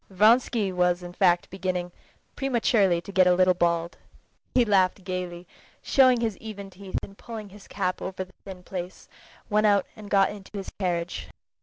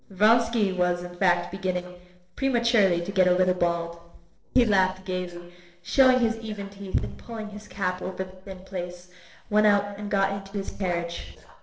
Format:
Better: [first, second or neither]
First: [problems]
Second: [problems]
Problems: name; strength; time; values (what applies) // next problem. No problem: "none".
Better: first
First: none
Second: noise reduction (neural separator model SepFormer DNS4)